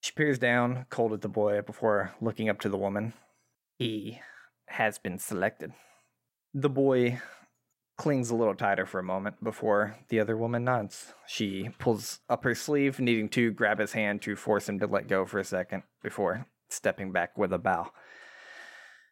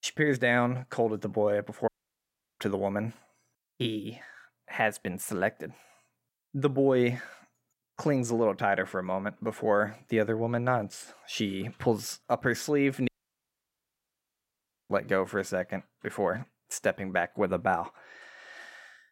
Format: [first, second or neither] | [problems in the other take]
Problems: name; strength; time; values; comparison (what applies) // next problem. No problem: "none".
first | audio cutting out; at 2 s for 0.5 s and at 13 s for 2 s